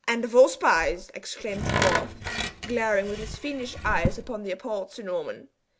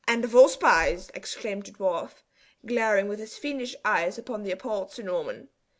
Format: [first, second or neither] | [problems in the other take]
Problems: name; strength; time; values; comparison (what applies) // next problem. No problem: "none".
second | background sound (Tools); 3 dB below the speech